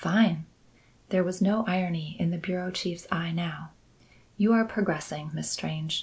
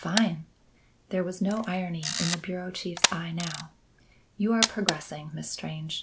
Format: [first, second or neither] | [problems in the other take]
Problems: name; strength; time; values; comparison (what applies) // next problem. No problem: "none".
first | background sound (Camera); 3 dB below the speech